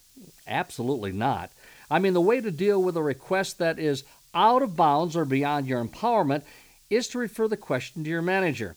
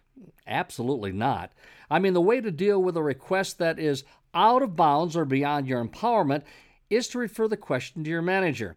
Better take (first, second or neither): second